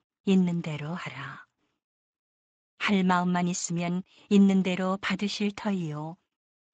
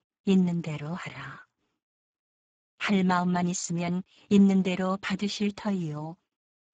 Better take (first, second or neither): first